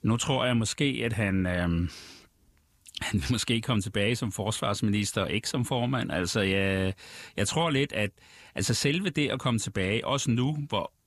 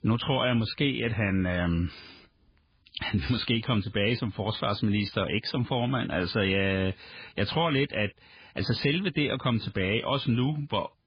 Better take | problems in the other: first | garbled, watery; badly; nothing above 4 kHz

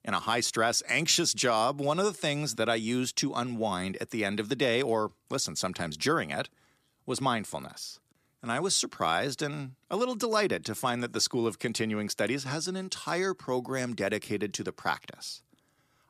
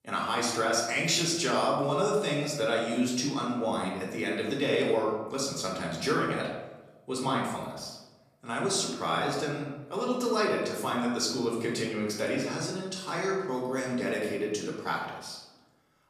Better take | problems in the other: first | room echo; noticeable; dies away in 0.9 s // off-mic speech; far

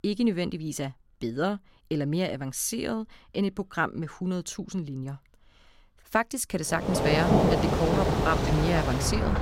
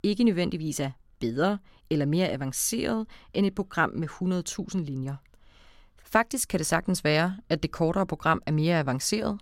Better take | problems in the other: second | rain or running water; very loud; from 7 s on; 4 dB above the speech

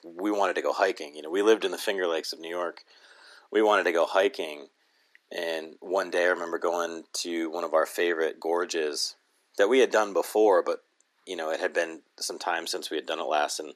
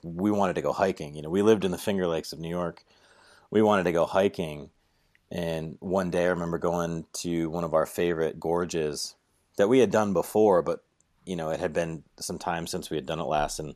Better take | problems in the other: second | thin; somewhat; fading below 300 Hz

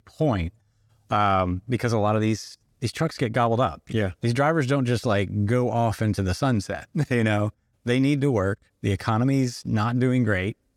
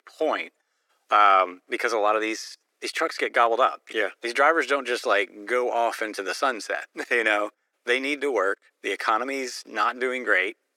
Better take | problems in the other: first | thin; very; fading below 350 Hz

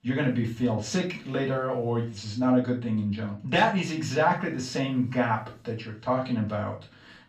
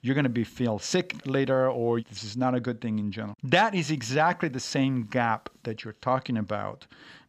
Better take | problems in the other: second | room echo; slight; dies away in 0.3 s // off-mic speech; far

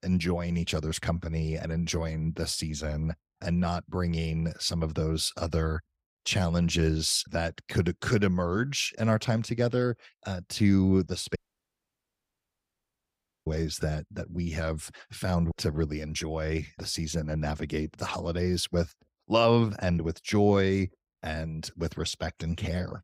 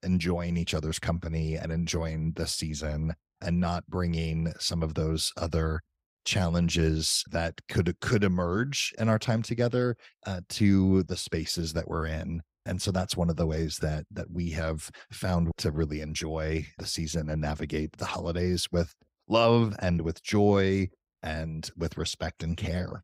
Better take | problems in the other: second | audio cutting out; at 11 s for 2 s

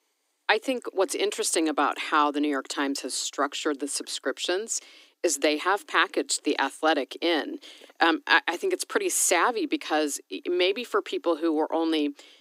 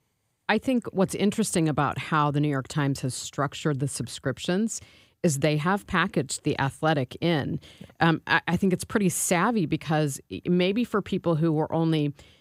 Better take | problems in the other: second | thin; somewhat; fading below 300 Hz

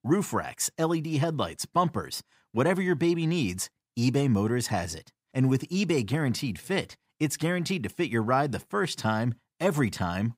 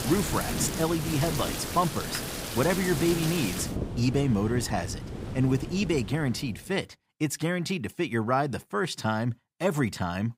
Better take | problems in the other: first | rain or running water; loud; until 6 s; 5 dB below the speech

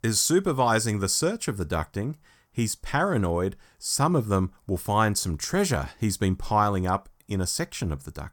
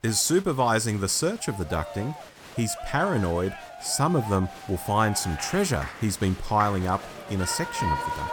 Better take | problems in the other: first | crowd noise; noticeable; throughout; 10 dB below the speech

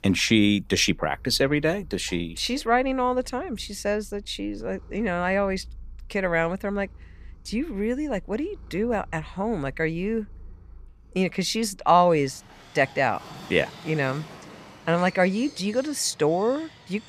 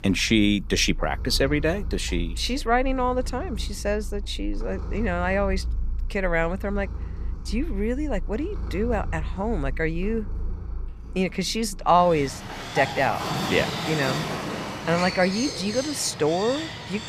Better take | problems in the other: first | animal sounds; loud; throughout; 7 dB below the speech; faint in the first

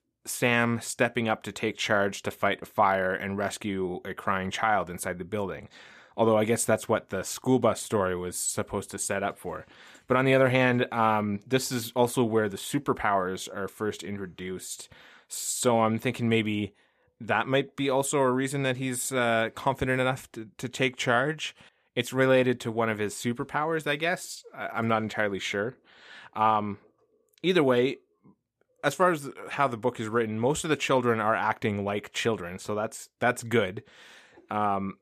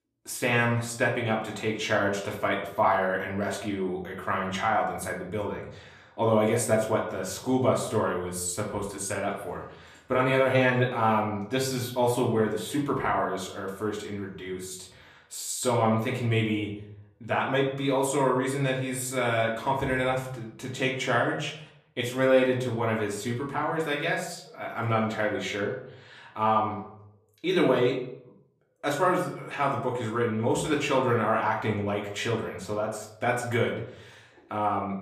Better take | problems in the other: first | off-mic speech; far // room echo; slight; dies away in 0.6 s

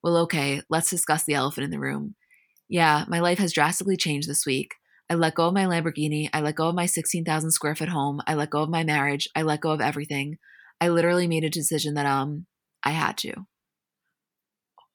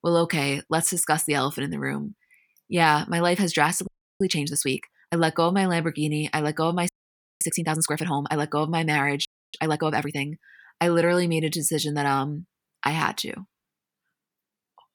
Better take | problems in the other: first | audio freezing; at 4 s, at 7 s for 0.5 s and at 9.5 s

